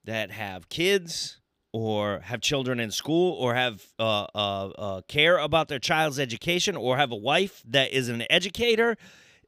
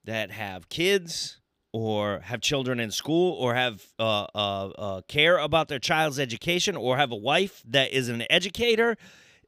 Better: neither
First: none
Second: none

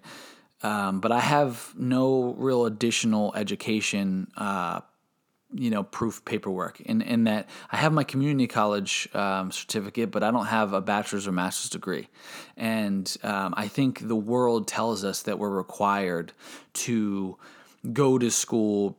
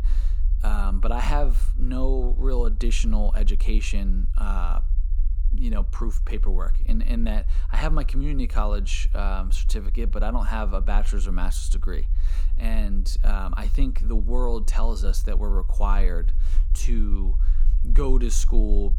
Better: first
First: none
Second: low rumble; noticeable; throughout; 20 dB below the speech

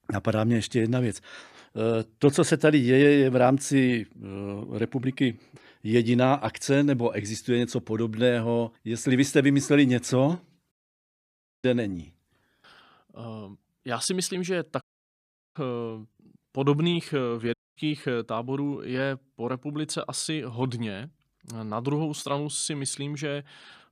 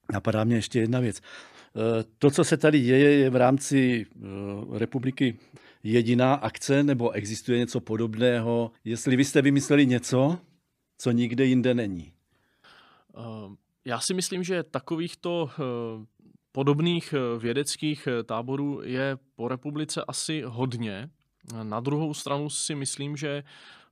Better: second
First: audio cutting out; at 11 s for 1 s, at 15 s for 0.5 s and at 18 s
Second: none

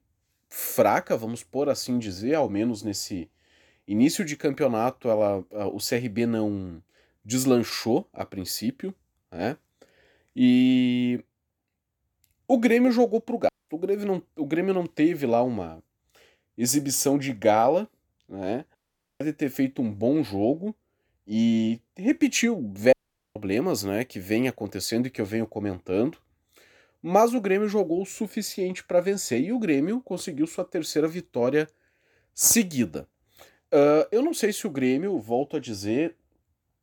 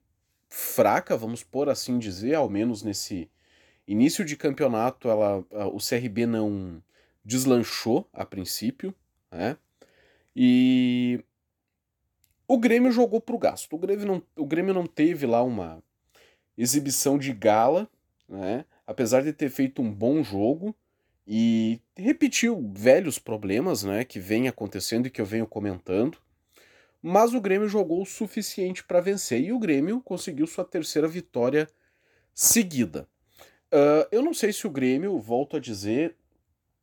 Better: second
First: audio cutting out; at 13 s, at 19 s and at 23 s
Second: none

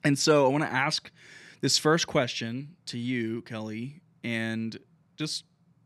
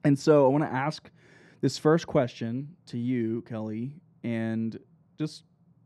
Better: first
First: none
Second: muffled; slightly; fading above 1.5 kHz

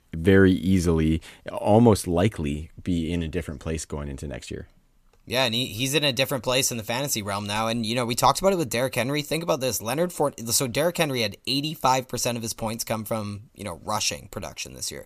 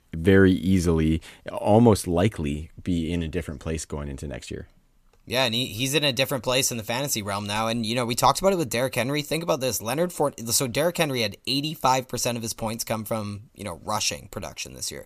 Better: neither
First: none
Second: none

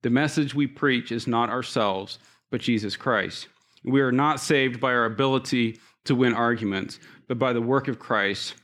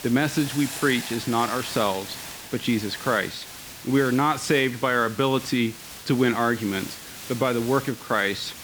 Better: first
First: none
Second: hiss; noticeable; throughout; 10 dB below the speech

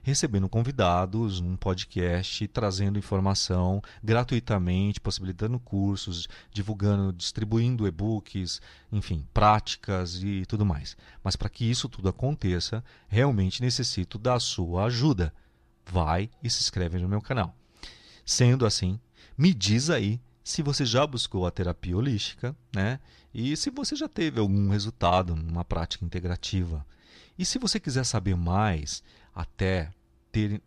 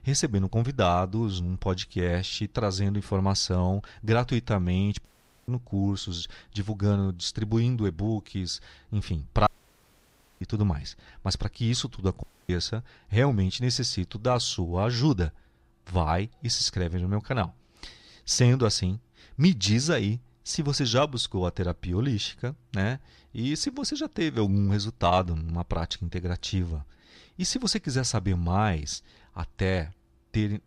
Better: first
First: none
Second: audio cutting out; at 5 s, at 9.5 s for 1 s and at 12 s

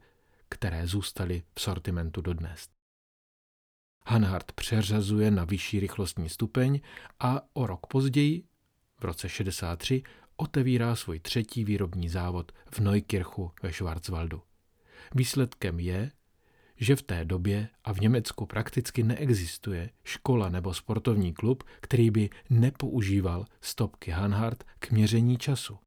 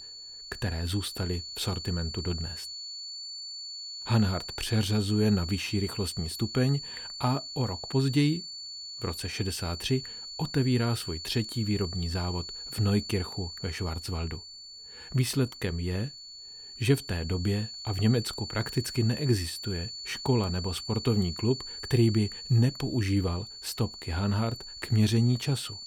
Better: first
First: none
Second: high-pitched whine; loud; throughout; 4.5 kHz, 9 dB below the speech

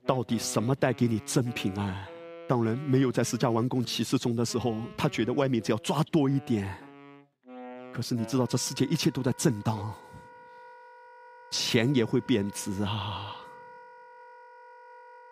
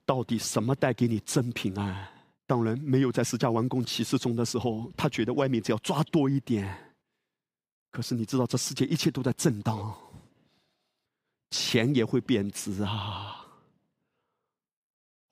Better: second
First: background music; faint; throughout; 20 dB below the speech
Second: none

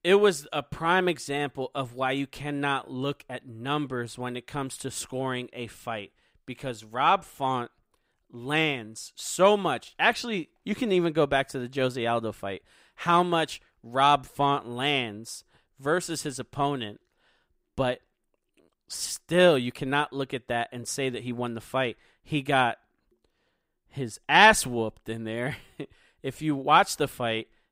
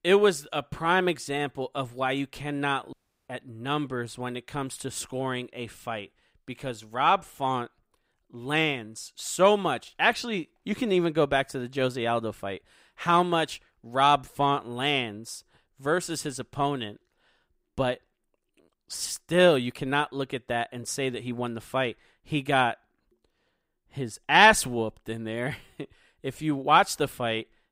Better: first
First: none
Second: audio cutting out; at 3 s

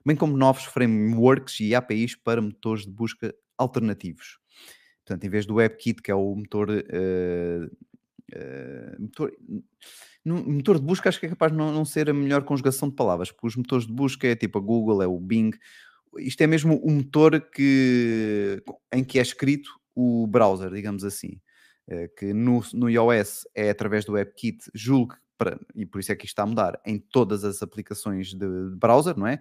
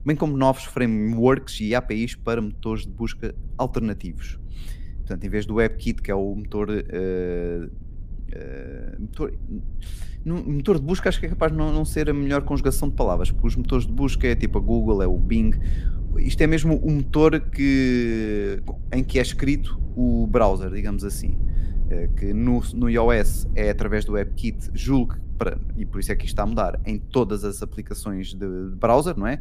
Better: first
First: none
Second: low rumble; faint; throughout; 20 dB below the speech

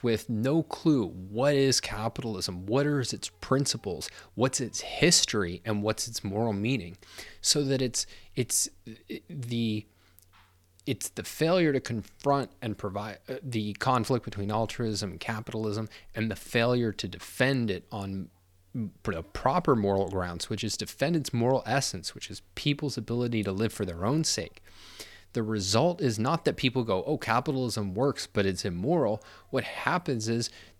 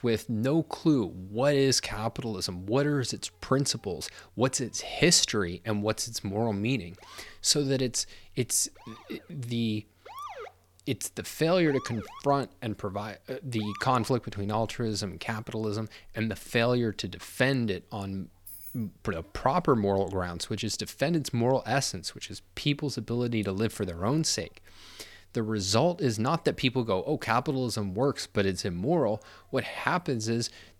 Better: first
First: none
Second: siren; faint; from 7 to 14 s; peak 10 dB below the speech // jangling keys; faint; at 18 s; peak 15 dB below the speech

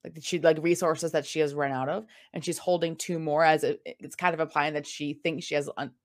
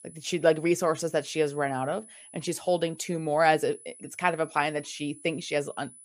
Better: first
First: none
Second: high-pitched whine; faint; throughout; 10 kHz, 20 dB below the speech

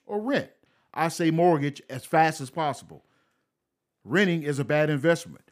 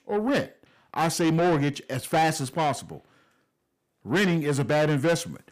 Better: first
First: none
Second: distortion; heavy; 8 dB below the speech

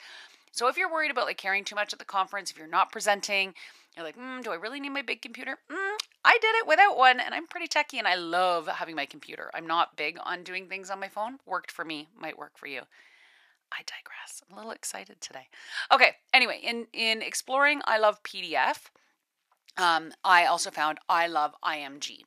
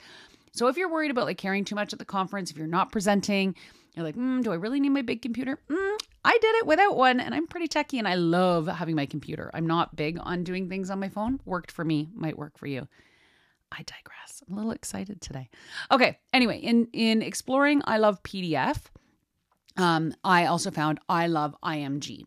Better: second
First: thin; very; fading below 700 Hz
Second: none

